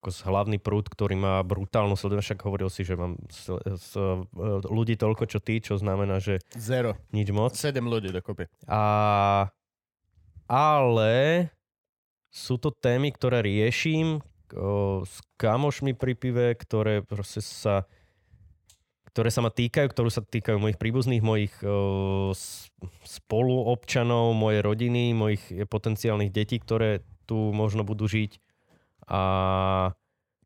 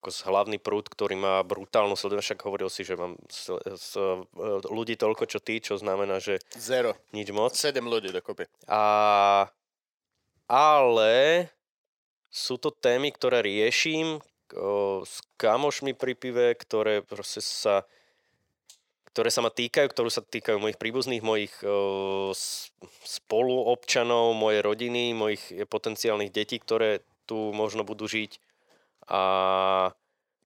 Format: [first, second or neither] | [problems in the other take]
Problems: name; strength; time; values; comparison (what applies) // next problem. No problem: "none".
first | thin; very; fading below 400 Hz